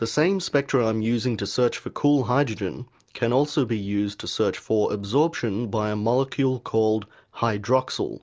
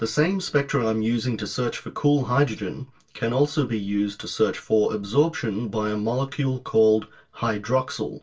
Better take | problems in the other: first | room echo; dies away in 0.2 s

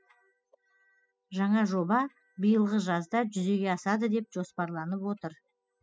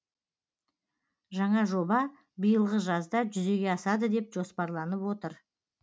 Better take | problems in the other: second | noise reduction (classical method spectral subtraction)

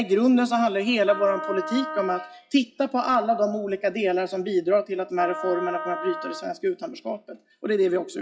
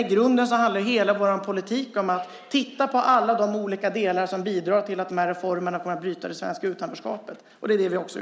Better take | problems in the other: second | noise reduction (classical method WPE with log-MMSE)

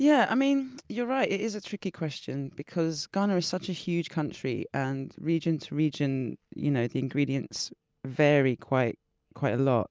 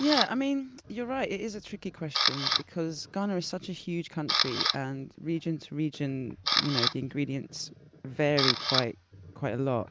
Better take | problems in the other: first | background sound (Camera); 2 dB below the speech

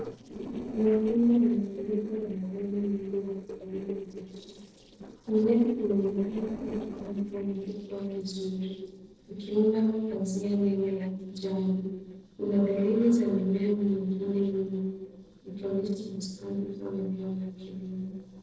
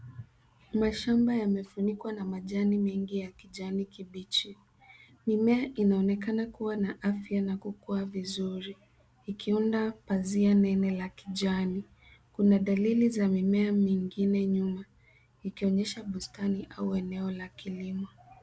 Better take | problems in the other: second | noise reduction (neural separator model SepFormer DNS4)

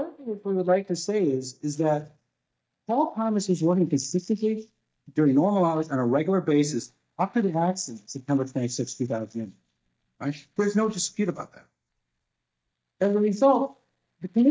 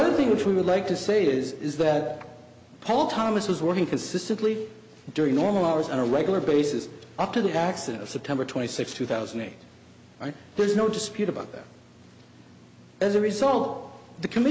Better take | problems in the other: second | noise reduction (neural mask model DeepFilterNet 3)

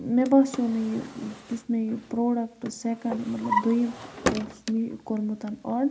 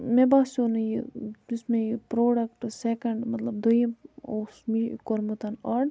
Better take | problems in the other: second | background sound (Drawer open or close); 9 dB below the speech // room echo; dies away in 0.4 s

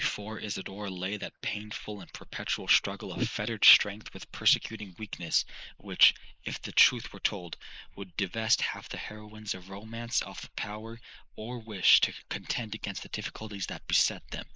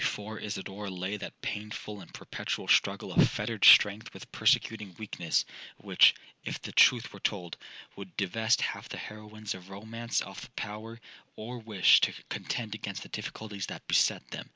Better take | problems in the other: second | noise reduction (neural mask model Resemble Enhance denoiser)

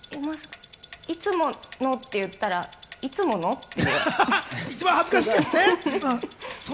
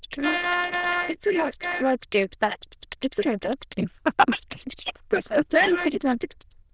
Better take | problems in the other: first | noise reduction (neural diffusion model UNIVERSE++)

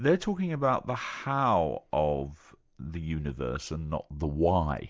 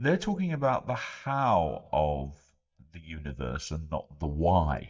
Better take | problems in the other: first | noise reduction (neural mask model DeepFilterNet 3)

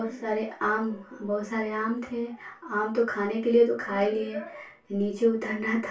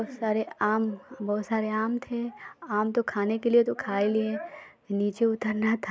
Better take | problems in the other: second | room echo; dies away in 0.2 s

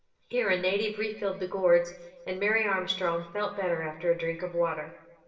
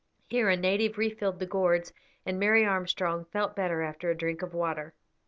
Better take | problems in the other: second | room echo; dies away in 1 s

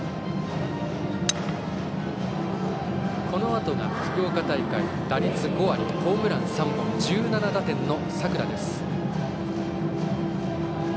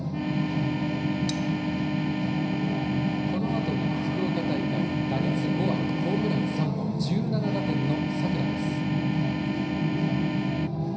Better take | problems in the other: first | background sound (Organ); 3 dB below the speech // room echo; dies away in 0.5 s

